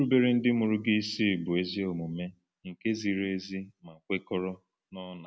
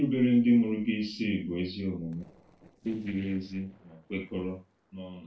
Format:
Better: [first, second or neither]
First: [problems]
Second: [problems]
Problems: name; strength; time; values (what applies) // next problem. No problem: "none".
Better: first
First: none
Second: noise reduction (neural separator model SepFormer DNS4)